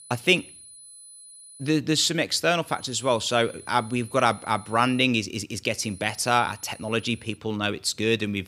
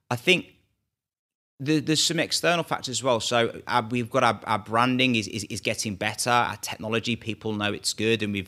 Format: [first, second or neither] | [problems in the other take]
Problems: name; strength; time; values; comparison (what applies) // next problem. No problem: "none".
second | high-pitched whine; faint; until 1.5 s, from 2.5 to 5 s and from 6 to 7.5 s; 10 kHz, 20 dB below the speech